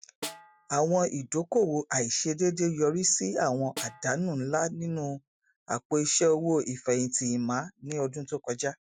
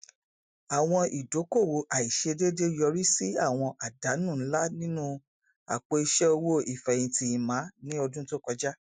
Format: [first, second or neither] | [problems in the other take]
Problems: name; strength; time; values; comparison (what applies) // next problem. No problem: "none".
second | background sound (Snare drum); 17 dB below the speech